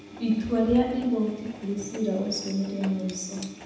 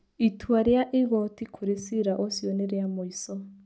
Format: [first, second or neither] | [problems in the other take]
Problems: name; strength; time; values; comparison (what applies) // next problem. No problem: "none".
second | background sound (Engine); 15 dB below the speech // room echo; dies away in 1 s